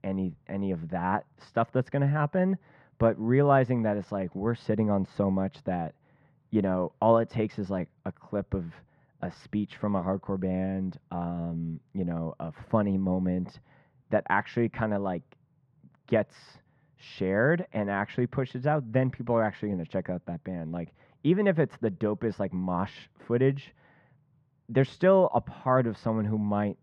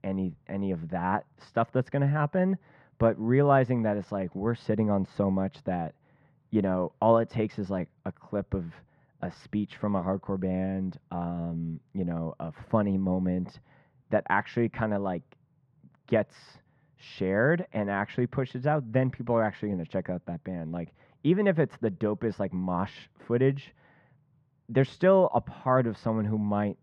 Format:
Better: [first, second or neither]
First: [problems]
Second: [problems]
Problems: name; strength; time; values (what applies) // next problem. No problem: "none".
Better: neither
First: muffled; very; fading above 1.5 kHz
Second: muffled; very; fading above 1.5 kHz